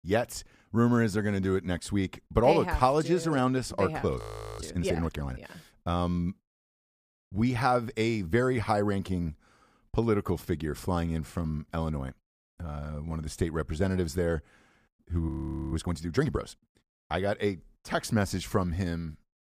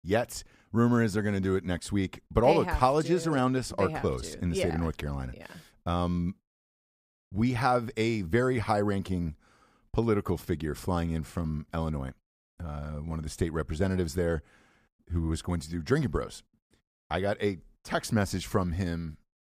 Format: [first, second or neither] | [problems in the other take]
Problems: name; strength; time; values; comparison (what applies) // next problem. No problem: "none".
second | audio freezing; at 4 s and at 15 s